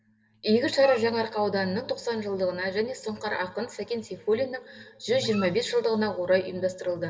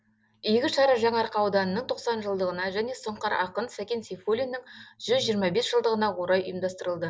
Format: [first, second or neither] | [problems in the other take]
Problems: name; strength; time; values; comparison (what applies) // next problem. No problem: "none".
second | background sound (Dog); 18 dB below the speech // room echo; dies away in 1 s